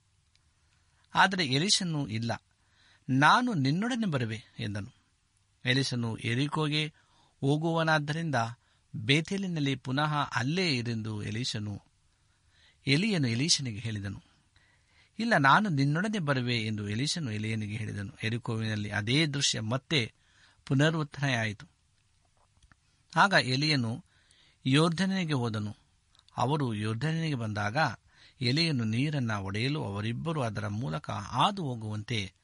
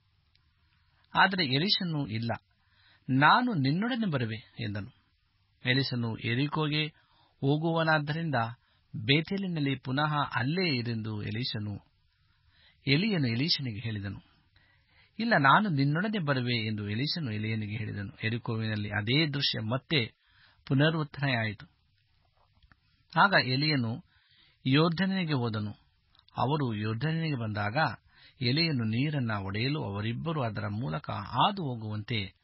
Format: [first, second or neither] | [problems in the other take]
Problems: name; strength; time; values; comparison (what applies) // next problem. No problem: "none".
first | garbled, watery; badly; nothing above 5.5 kHz; slightly in the first